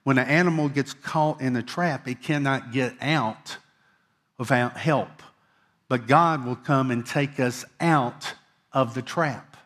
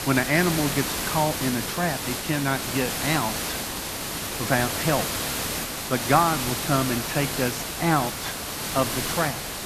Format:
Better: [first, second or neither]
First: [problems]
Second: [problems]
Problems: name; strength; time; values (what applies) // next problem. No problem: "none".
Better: first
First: none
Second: hiss; loud; throughout; 2 dB below the speech